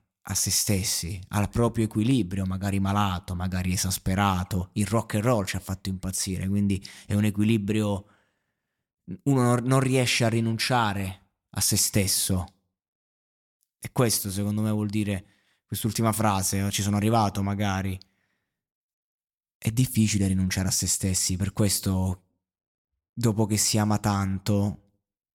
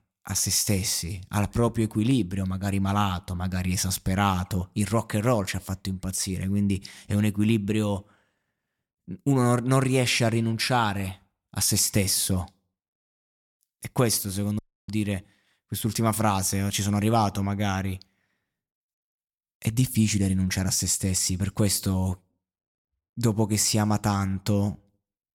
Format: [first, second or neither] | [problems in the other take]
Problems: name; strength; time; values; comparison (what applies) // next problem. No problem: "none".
first | audio cutting out; at 15 s